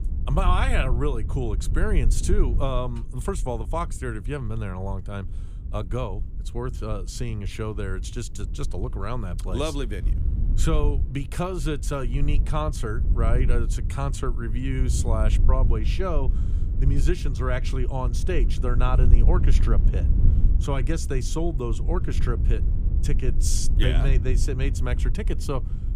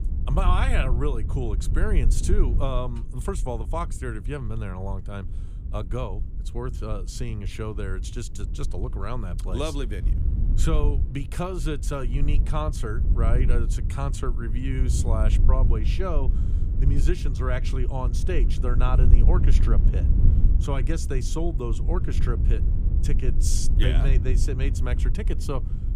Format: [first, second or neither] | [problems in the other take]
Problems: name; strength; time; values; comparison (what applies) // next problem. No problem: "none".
first | wind noise on the microphone; heavy; 9 dB below the speech; occasional gusts in the first